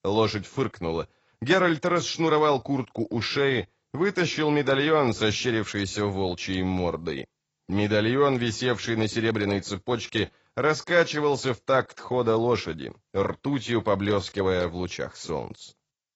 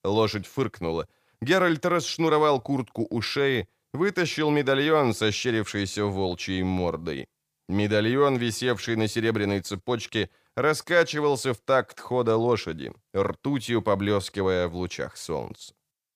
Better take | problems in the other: second | garbled, watery; badly; nothing above 7.5 kHz

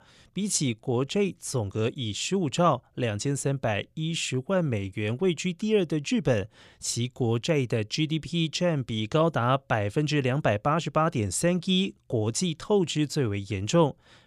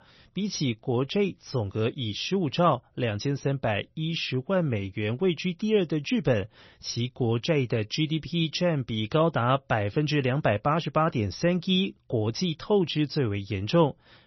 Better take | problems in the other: first | garbled, watery; slightly; nothing above 6 kHz

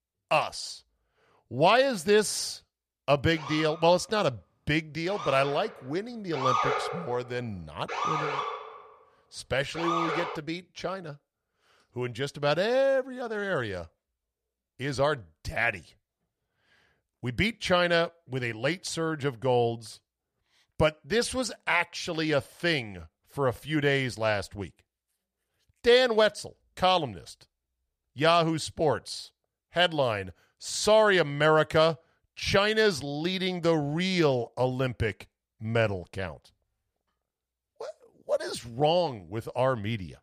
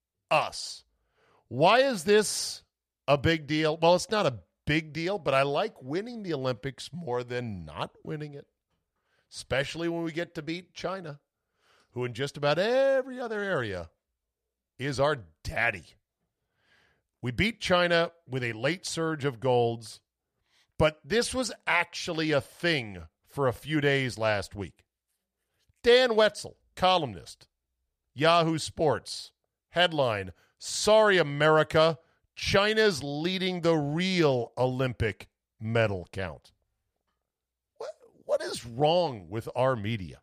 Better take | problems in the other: second | siren; loud; from 3.5 to 10 s; peak 1 dB above the speech

